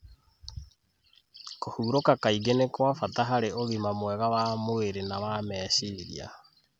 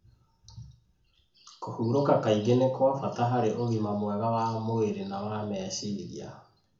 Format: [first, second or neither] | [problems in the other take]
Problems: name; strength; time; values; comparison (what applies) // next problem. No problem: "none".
first | room echo; dies away in 0.5 s